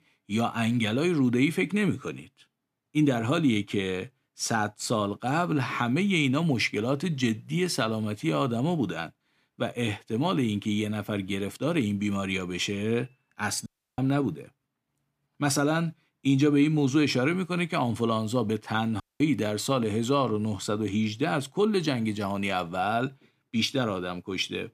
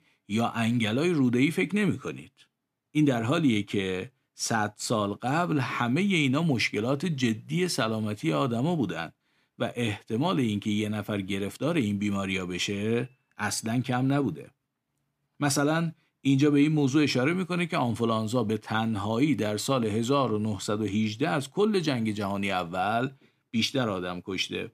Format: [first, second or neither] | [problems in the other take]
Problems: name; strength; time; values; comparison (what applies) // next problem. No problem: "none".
second | audio cutting out; at 14 s and at 19 s